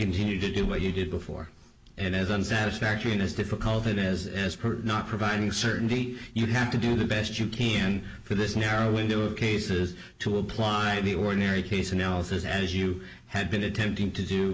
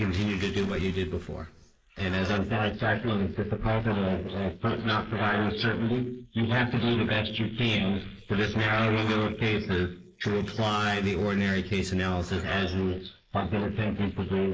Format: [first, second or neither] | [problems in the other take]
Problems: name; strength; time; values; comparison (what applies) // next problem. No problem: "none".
first | noise reduction (neural mask model Resemble Enhance denoiser)